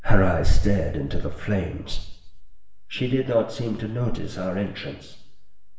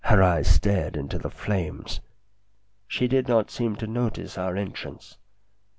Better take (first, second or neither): second